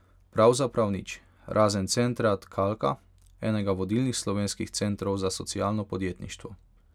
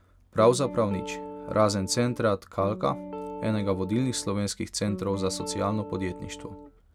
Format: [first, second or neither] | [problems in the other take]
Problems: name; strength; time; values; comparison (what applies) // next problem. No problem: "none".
first | background sound (Guitar); 11 dB below the speech